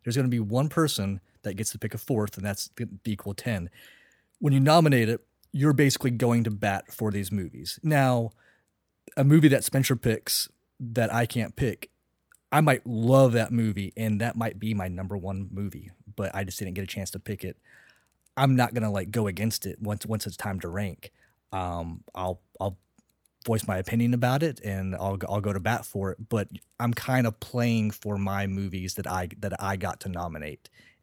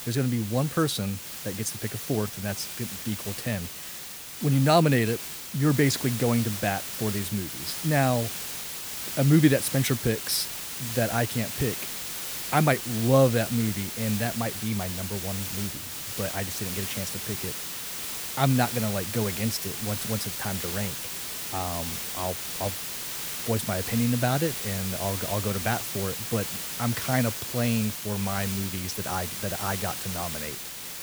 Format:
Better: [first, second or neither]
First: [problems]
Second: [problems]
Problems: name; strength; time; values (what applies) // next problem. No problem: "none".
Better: first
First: none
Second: hiss; loud; throughout; 4 dB below the speech